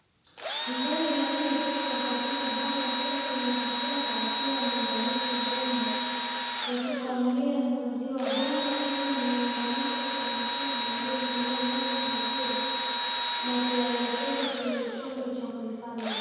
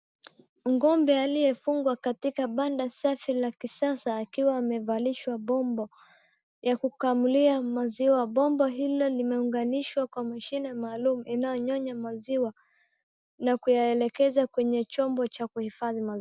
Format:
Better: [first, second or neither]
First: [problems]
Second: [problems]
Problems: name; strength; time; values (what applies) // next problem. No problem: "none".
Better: second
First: background sound (Engine / Drill); as loud as the speech // room echo; dies away in 2.1 s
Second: none